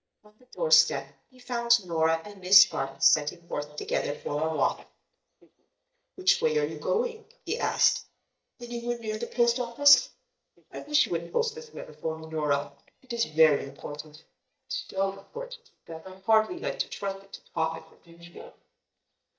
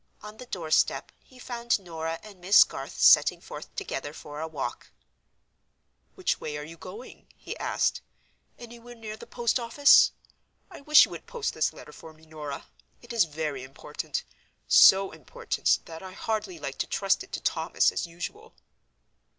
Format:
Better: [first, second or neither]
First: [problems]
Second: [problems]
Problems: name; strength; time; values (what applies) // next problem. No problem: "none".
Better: second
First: noise reduction (neural mask model DeepFilterNet 3)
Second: none